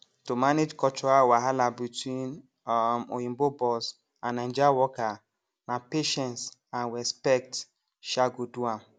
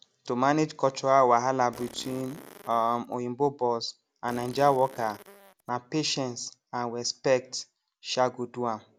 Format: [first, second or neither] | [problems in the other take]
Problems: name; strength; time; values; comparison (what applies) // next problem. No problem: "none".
first | background sound (Fart); 19 dB below the speech